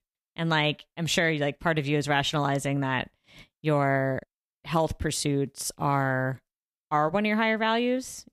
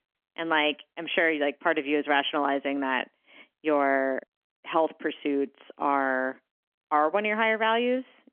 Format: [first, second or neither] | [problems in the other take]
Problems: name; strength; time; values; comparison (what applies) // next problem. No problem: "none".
first | phone-call audio; nothing above 3.5 kHz